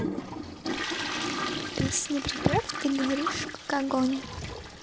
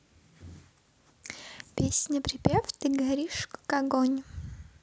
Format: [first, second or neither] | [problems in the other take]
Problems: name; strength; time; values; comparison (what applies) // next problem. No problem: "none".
second | background sound (Toilet flush); 3 dB below the speech